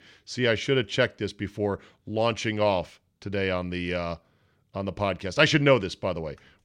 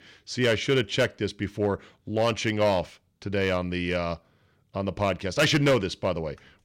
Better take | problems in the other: first | distortion; slight; 3% of the sound clipped

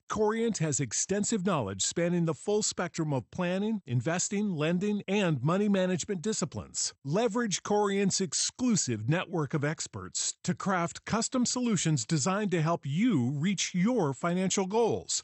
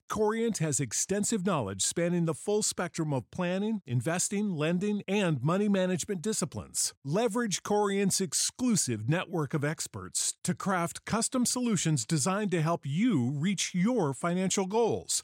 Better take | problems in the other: second | garbled, watery; slightly; nothing above 8 kHz

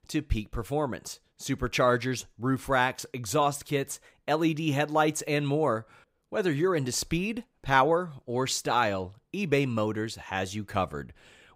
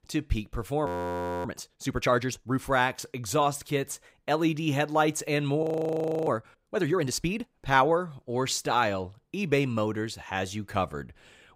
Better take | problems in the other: first | audio freezing; at 1 s for 0.5 s and at 5.5 s for 0.5 s

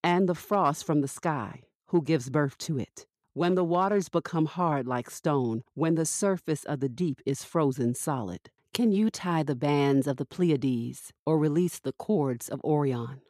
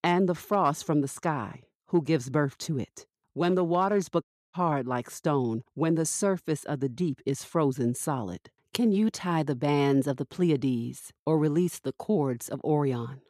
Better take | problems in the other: first | audio cutting out; at 4 s

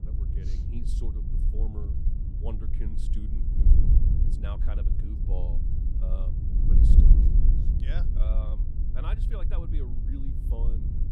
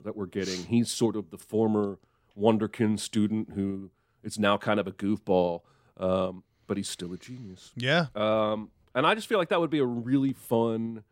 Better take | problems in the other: second | wind noise on the microphone; heavy; 1 dB above the speech

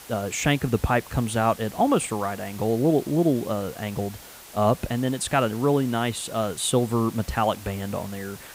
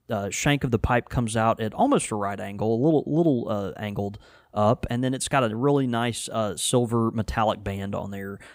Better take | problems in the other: second | hiss; noticeable; throughout; 20 dB below the speech

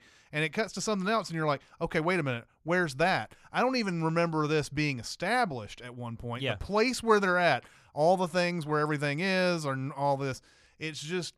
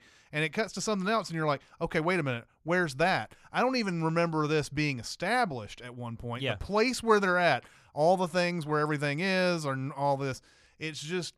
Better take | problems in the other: neither | none

